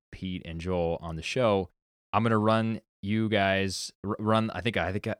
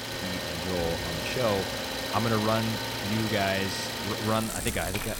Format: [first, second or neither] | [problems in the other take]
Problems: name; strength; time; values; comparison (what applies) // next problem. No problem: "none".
first | traffic noise; loud; throughout; 1 dB below the speech